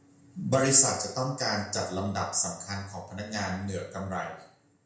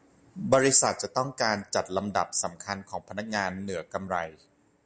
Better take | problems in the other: second | room echo; dies away in 0.5 s

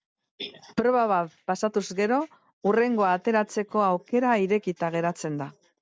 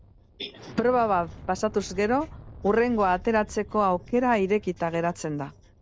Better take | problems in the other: first | background sound (Explosion); 19 dB below the speech

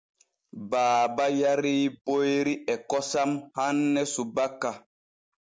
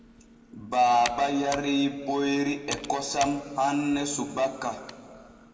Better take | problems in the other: first | background sound (Computer keyboard); 16 dB below the speech // room echo; dies away in 2.3 s

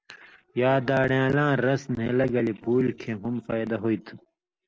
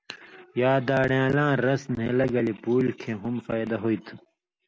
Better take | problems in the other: second | noise reduction (neural separator model SepFormer DNS4)

